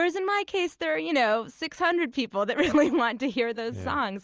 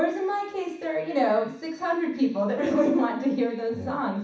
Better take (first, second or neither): first